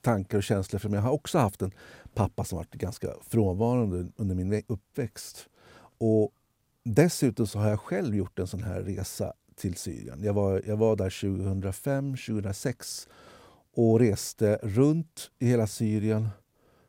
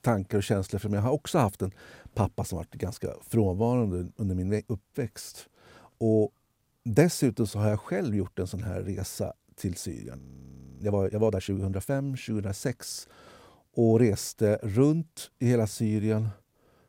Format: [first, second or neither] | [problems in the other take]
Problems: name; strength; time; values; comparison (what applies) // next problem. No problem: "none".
first | audio freezing; at 10 s for 0.5 s